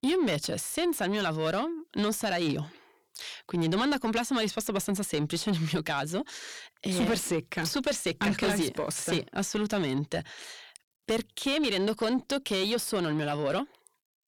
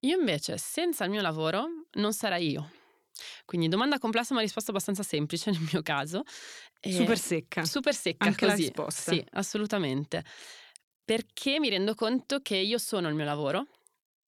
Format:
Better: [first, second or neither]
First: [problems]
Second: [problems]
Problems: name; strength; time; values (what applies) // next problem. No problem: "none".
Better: second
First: distortion; slight; 10 dB below the speech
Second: none